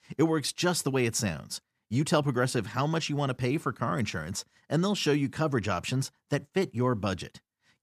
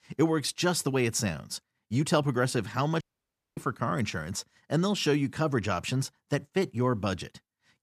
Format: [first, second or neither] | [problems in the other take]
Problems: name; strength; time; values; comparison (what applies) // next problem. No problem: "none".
first | audio cutting out; at 3 s for 0.5 s